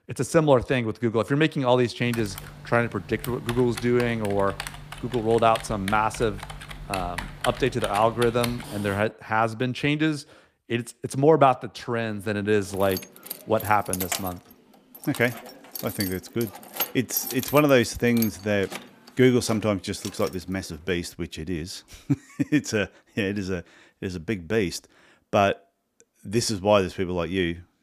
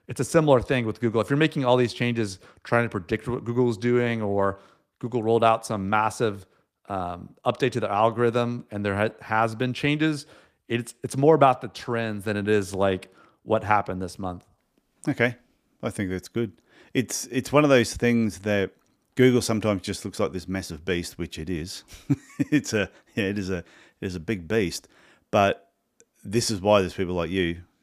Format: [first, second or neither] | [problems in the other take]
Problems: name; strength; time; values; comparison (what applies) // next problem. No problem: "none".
second | keyboard typing; noticeable; from 2 to 9 s; peak 7 dB below the speech // jangling keys; noticeable; from 13 to 20 s; peak 3 dB below the speech